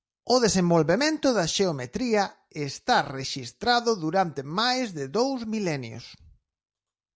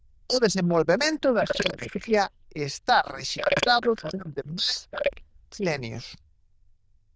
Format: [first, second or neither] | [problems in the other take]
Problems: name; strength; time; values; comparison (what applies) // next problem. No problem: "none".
first | noise reduction (neural diffusion model UNIVERSE++)